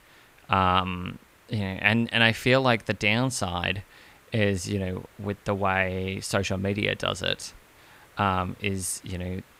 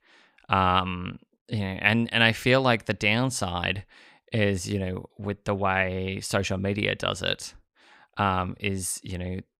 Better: second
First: hiss; faint; throughout; 30 dB below the speech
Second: none

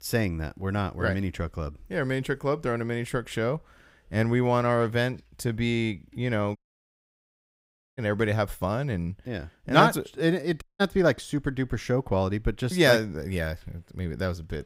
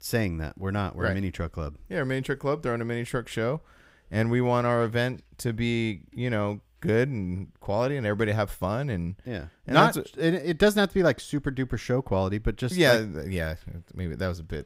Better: second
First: audio cutting out; at 6.5 s for 1.5 s and at 11 s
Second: none

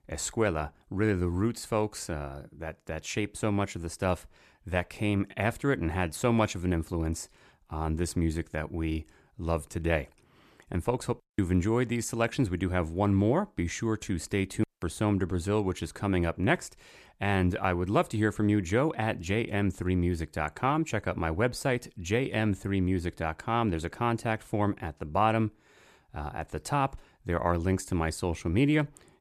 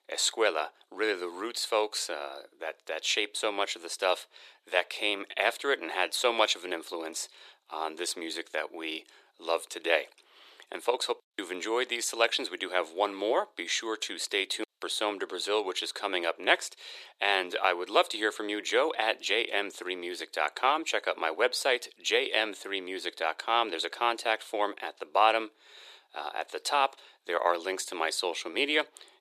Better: first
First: none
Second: thin; very; fading below 400 Hz

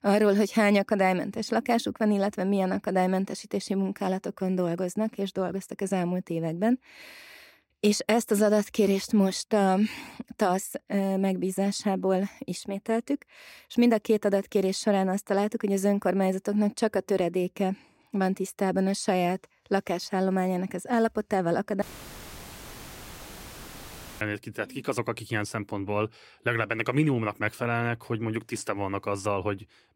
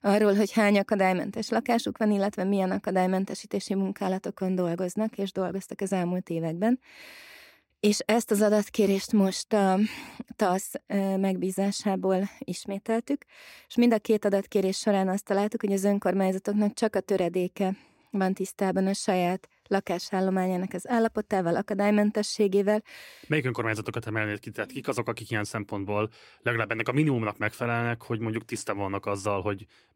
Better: second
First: audio cutting out; filled with static; at 22 s for 2.5 s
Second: none

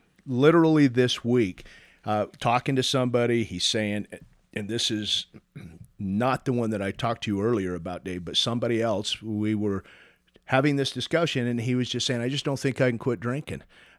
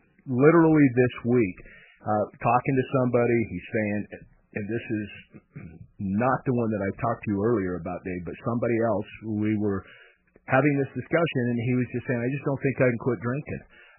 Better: first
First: none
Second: garbled, watery; badly; nothing above 3 kHz

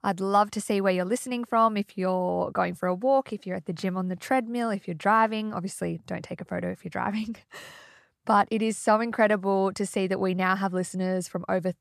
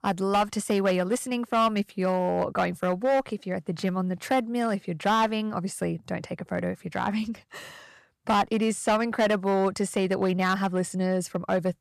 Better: first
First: none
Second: distortion; slight; 5% of the sound clipped

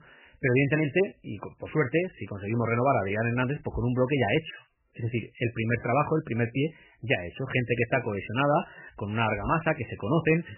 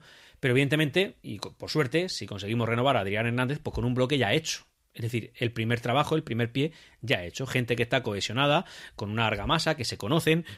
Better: second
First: garbled, watery; badly; nothing above 3 kHz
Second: none

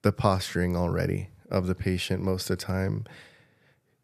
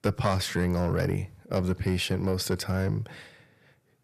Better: first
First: none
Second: distortion; slight; 10 dB below the speech

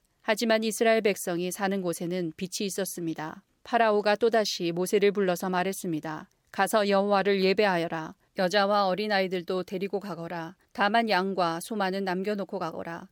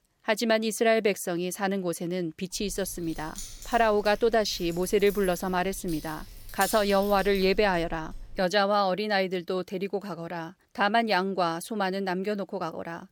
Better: first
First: none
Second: jangling keys; noticeable; from 2.5 to 8.5 s; peak 7 dB below the speech

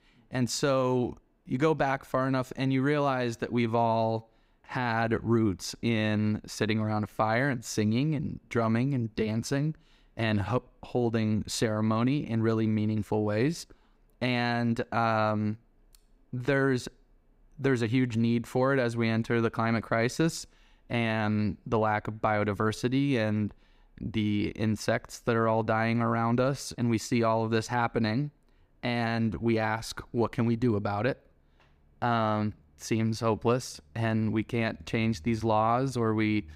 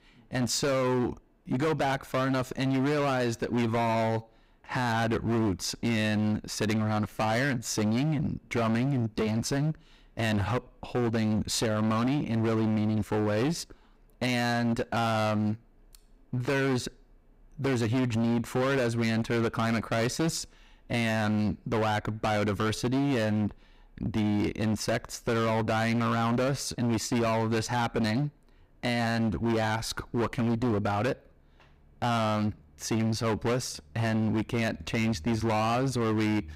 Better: first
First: none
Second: distortion; heavy; 23% of the sound clipped

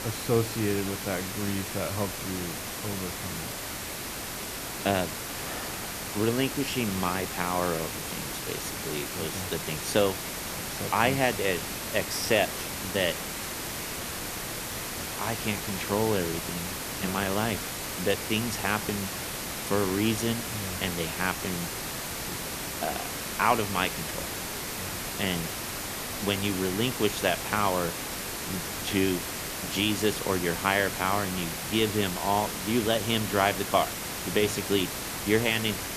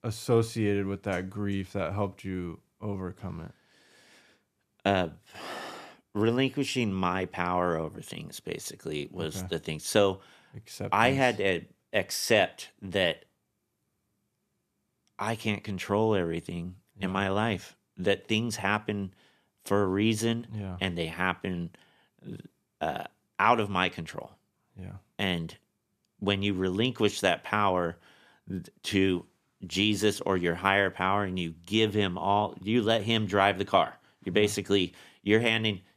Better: second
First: hiss; loud; throughout; 4 dB below the speech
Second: none

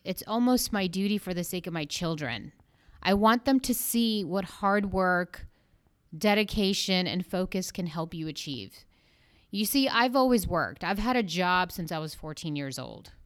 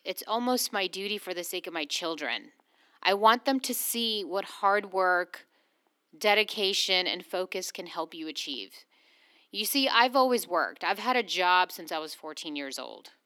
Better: first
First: none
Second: thin; somewhat; fading below 300 Hz

